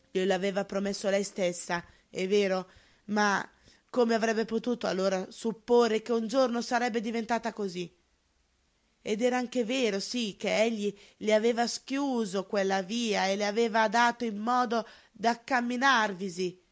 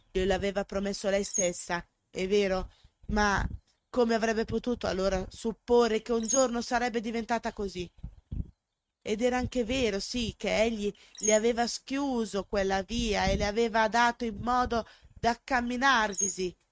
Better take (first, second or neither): first